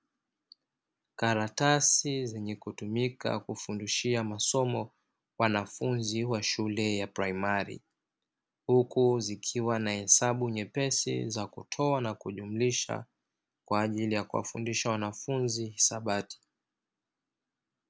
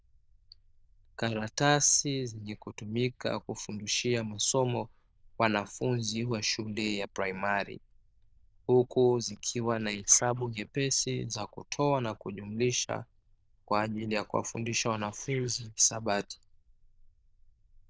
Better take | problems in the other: first | noise reduction (neural diffusion model UNIVERSE++)

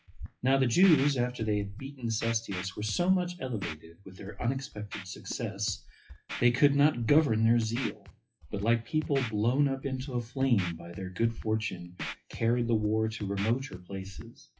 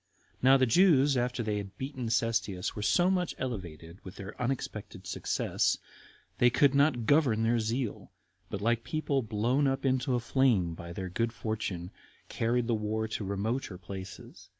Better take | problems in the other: second | noise reduction (classical method WPE with log-MMSE)

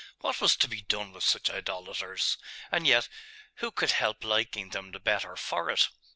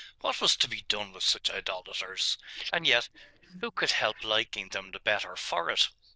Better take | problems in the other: first | noise reduction (neural diffusion model UNIVERSE++)

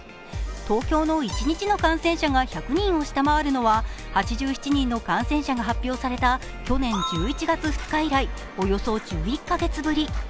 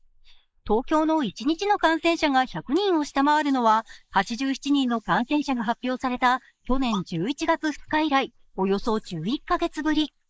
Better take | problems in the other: first | noise reduction (neural mask model Resemble Enhance denoiser)

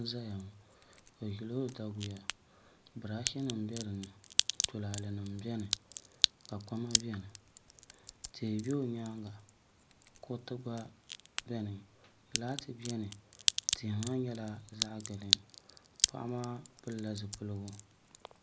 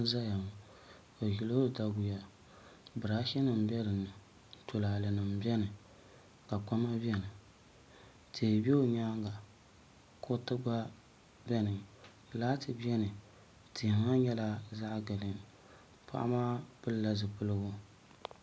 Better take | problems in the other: second | background sound (Crack); 1 dB above the speech

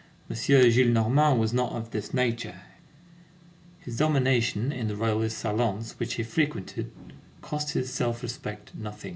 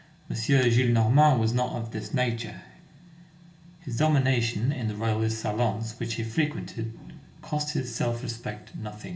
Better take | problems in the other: first | room echo; dies away in 0.7 s

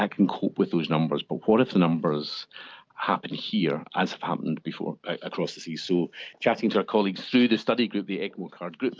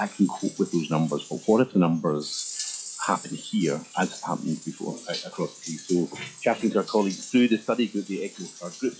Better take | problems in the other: first | noise reduction (classical method log-MMSE)

